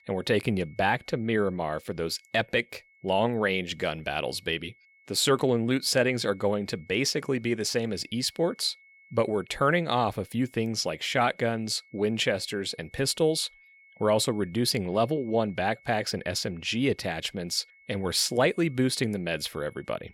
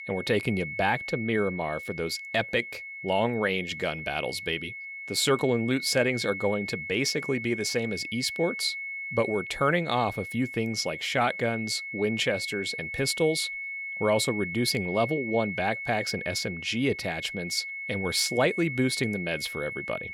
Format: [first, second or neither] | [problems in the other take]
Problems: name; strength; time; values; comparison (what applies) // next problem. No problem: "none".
first | high-pitched whine; loud; throughout; 2 kHz, 7 dB below the speech; faint in the first